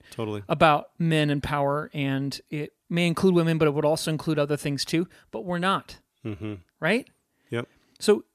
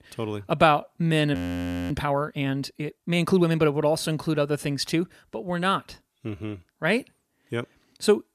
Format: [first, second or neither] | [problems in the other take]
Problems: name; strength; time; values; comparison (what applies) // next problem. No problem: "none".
first | audio freezing; at 1.5 s for 0.5 s